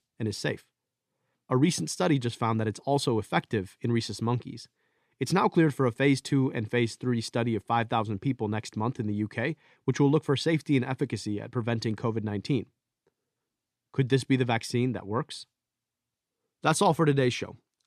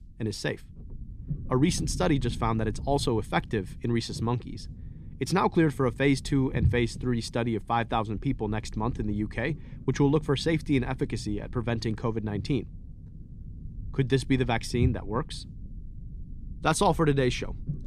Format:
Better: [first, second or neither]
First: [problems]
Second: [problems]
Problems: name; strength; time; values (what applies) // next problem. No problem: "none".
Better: first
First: none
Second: low rumble; faint; throughout; 20 dB below the speech